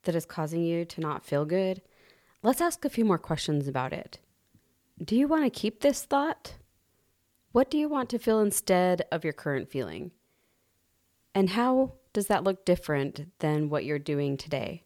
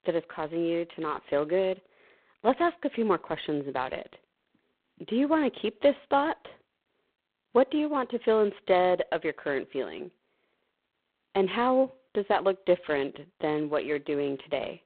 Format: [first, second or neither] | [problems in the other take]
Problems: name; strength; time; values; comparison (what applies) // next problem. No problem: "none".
first | phone-call audio; poor line; nothing above 3.5 kHz